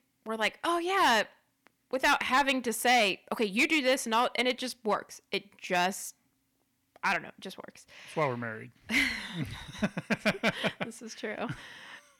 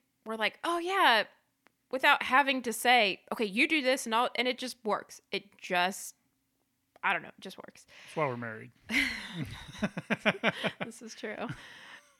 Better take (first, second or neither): second